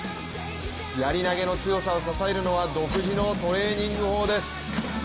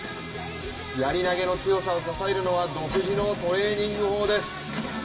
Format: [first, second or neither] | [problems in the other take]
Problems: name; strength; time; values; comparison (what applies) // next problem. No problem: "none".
first | room echo; dies away in 0.5 s